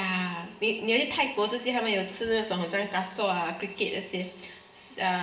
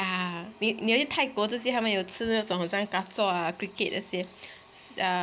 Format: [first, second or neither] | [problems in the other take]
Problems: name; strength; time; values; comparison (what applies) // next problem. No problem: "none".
second | room echo; dies away in 1.4 s